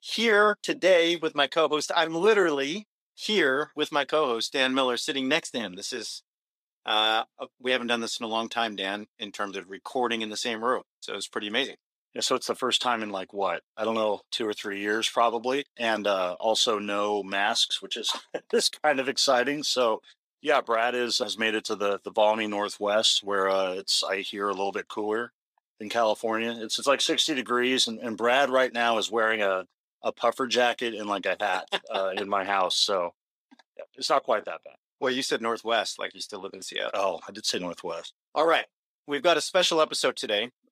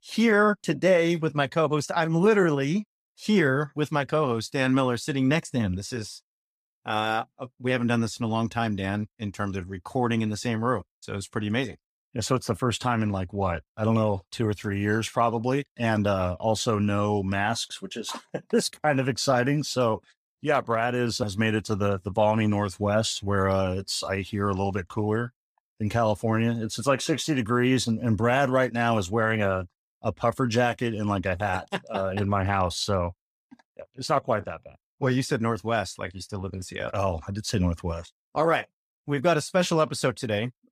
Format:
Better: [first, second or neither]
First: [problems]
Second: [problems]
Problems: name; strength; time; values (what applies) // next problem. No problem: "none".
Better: second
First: thin; somewhat; fading below 300 Hz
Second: none